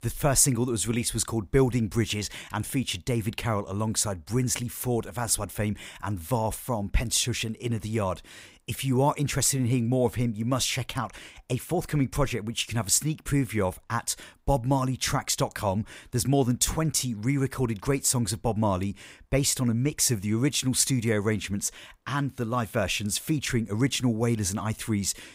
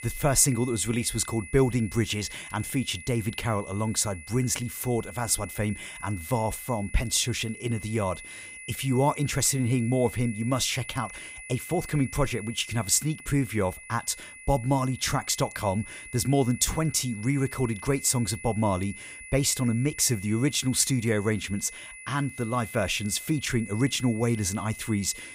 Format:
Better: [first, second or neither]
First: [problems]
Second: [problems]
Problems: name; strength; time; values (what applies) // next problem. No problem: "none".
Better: first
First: none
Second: high-pitched whine; noticeable; throughout; 2 kHz, 15 dB below the speech